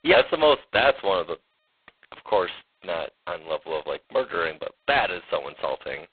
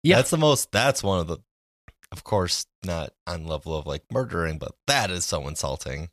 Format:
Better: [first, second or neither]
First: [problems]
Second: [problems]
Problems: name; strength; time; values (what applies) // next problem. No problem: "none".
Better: second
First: phone-call audio; poor line; nothing above 4 kHz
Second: none